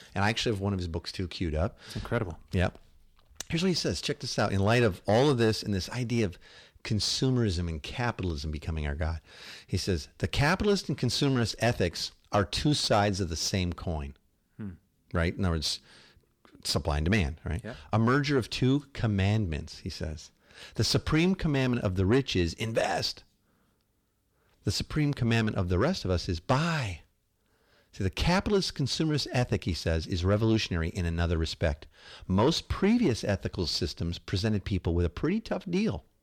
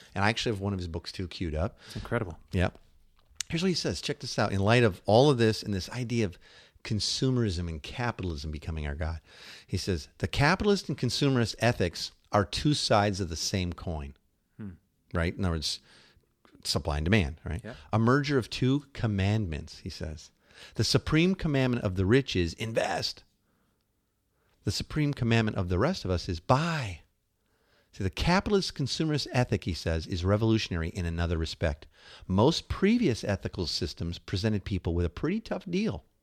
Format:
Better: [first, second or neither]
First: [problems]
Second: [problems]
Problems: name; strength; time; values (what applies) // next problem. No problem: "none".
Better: second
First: distortion; slight; 10 dB below the speech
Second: none